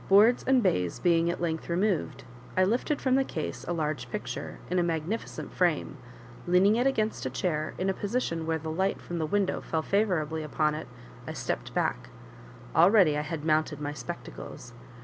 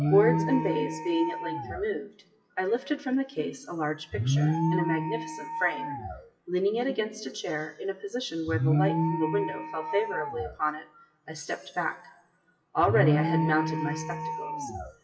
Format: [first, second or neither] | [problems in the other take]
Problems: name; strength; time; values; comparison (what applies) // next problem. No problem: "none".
first | noise reduction (classical method WPE with log-MMSE)